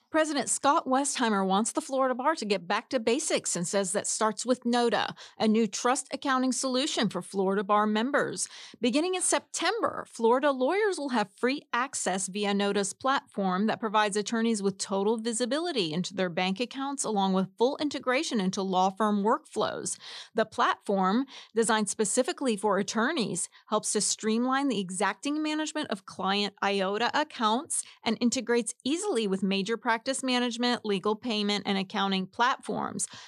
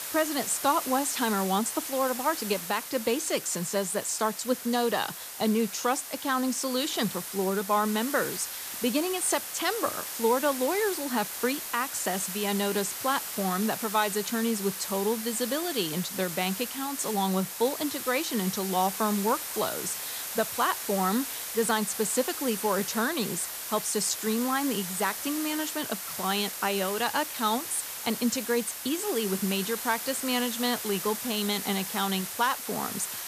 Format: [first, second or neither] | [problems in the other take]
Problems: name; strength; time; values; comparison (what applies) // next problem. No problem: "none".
first | hiss; loud; throughout; 5 dB below the speech